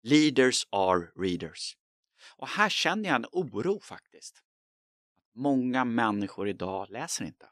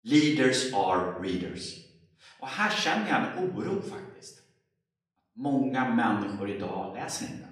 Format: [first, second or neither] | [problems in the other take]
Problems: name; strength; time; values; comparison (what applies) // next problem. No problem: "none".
first | off-mic speech; far // room echo; slight; dies away in 0.7 s